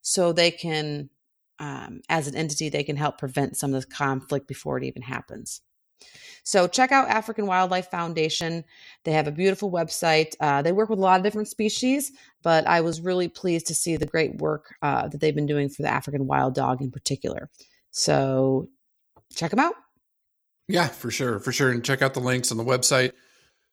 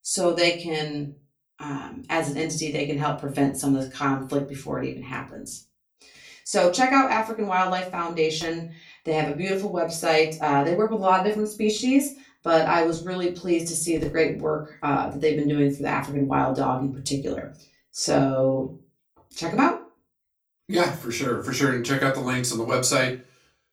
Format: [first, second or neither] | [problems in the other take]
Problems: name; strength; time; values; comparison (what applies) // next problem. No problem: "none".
first | off-mic speech; far // room echo; very slight; dies away in 0.3 s